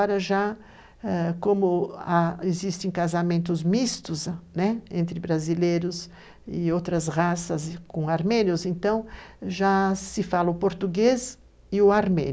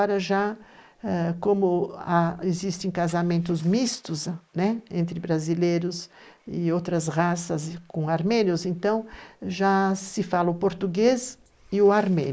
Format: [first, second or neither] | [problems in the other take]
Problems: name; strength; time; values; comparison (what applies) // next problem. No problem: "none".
first | noise reduction (neural mask model Resemble Enhance denoiser)